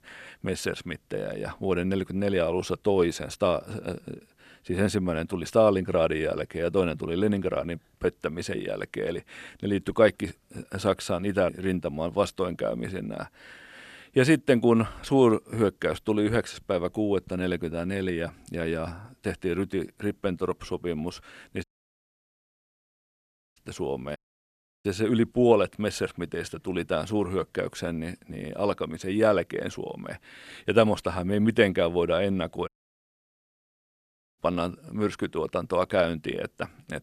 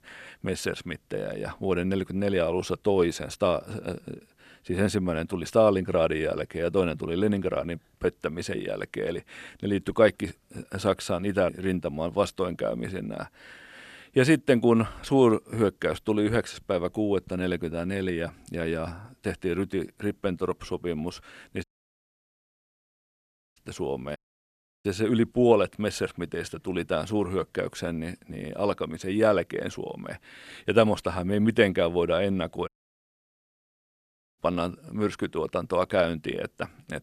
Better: neither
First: audio cutting out; at 22 s for 2 s, at 24 s for 0.5 s and at 33 s for 1.5 s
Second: audio cutting out; at 22 s for 2 s, at 24 s for 0.5 s and at 33 s for 1.5 s

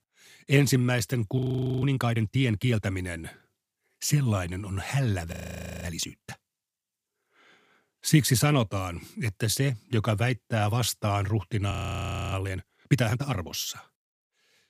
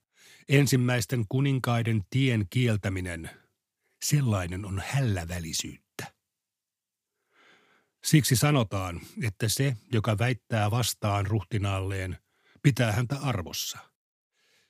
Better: second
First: audio freezing; at 1.5 s, at 5.5 s for 0.5 s and at 12 s for 0.5 s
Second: none

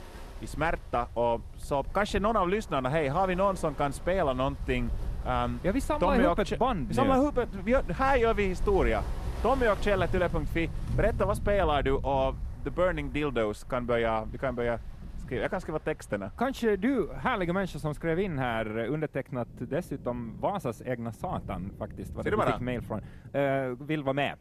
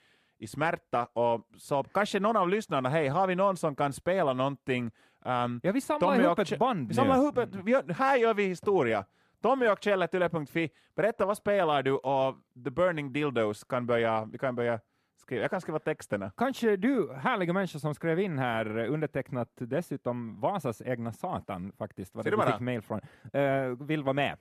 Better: second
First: rain or running water; noticeable; throughout; 10 dB below the speech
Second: none

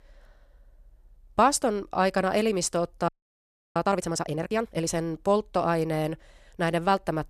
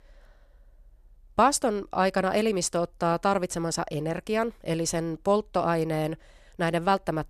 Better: second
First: audio freezing; at 3 s for 0.5 s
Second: none

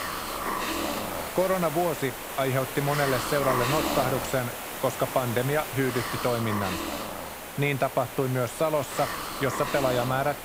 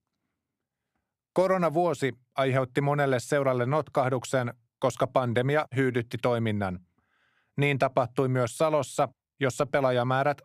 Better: second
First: hiss; loud; throughout; 4 dB below the speech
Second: none

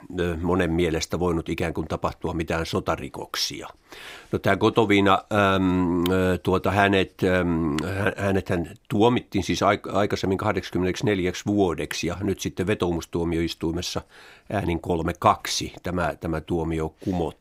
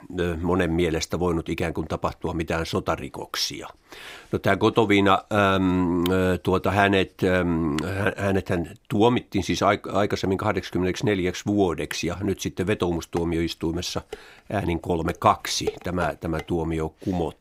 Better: first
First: none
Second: clattering dishes; noticeable; from 13 to 16 s; peak 8 dB below the speech

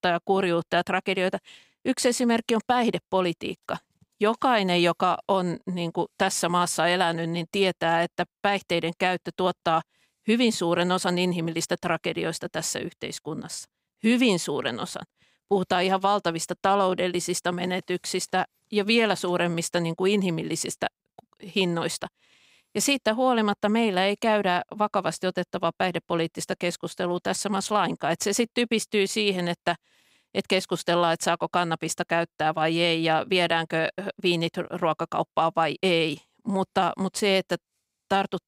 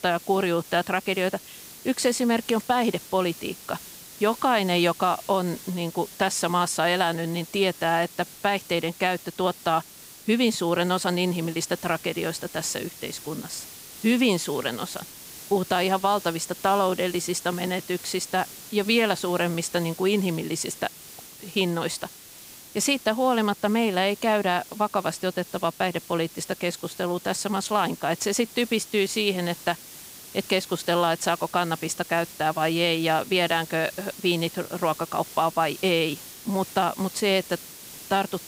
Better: first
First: none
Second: hiss; noticeable; throughout; 15 dB below the speech

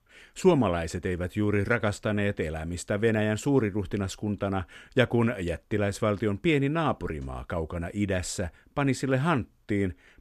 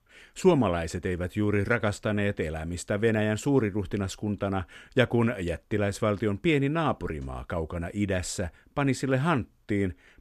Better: neither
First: none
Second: none

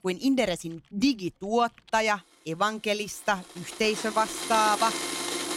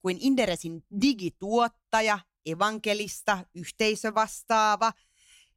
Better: second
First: household noises; loud; throughout; 5 dB below the speech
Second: none

